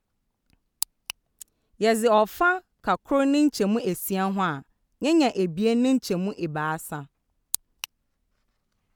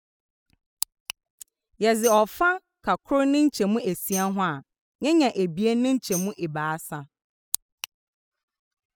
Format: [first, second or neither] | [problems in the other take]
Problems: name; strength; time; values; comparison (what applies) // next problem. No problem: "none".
first | noise reduction (classical method spectral subtraction)